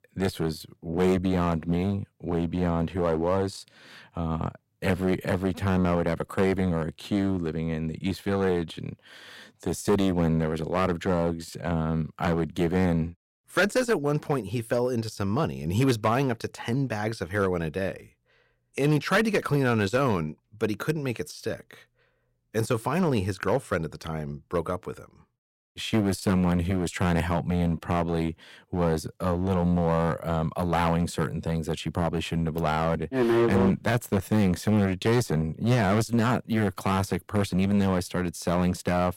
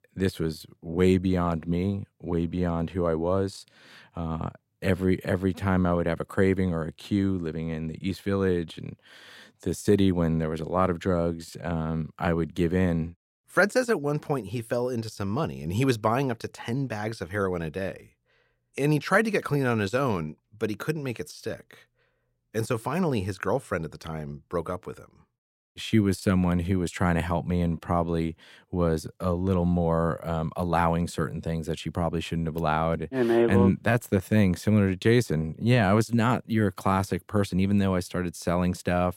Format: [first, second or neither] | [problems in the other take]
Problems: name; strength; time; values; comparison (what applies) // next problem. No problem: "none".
second | distortion; slight; 6% of the sound clipped